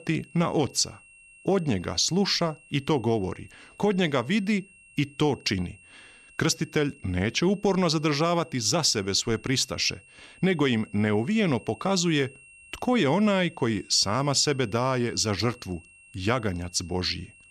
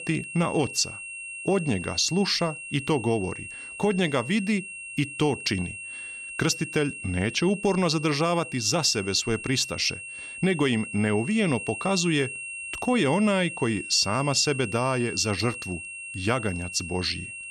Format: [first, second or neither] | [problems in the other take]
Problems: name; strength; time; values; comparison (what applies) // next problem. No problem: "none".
first | high-pitched whine; loud; throughout; 2.5 kHz, 9 dB below the speech; faint in the first